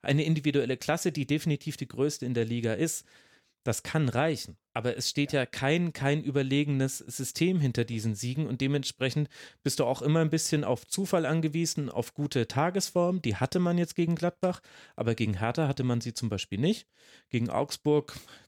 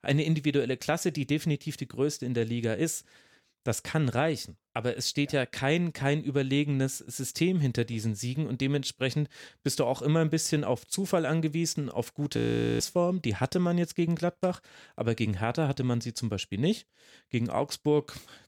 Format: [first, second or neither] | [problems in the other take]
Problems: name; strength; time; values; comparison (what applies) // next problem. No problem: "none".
first | audio freezing; at 12 s